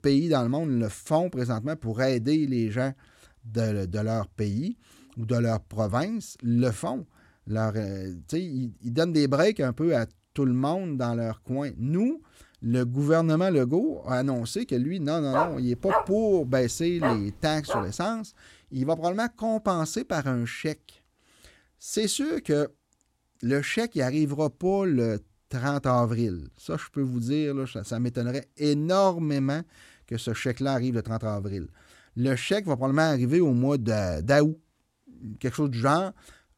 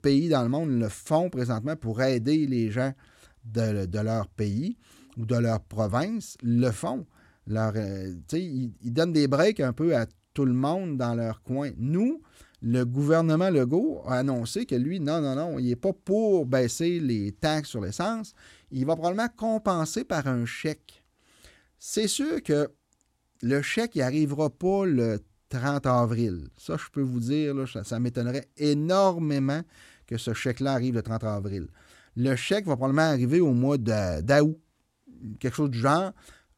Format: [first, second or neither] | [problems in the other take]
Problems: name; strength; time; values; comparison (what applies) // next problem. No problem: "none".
second | dog barking; noticeable; from 15 to 18 s; peak level with the speech